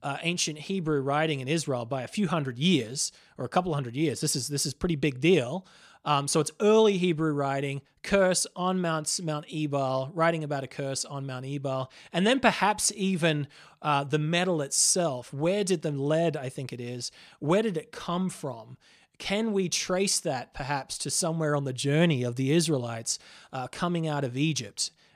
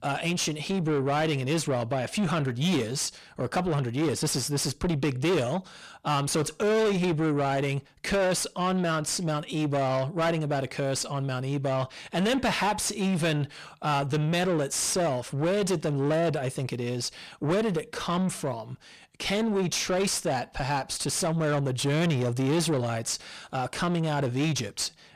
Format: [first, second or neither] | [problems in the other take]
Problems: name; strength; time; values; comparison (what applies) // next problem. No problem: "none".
first | distortion; heavy; 7 dB below the speech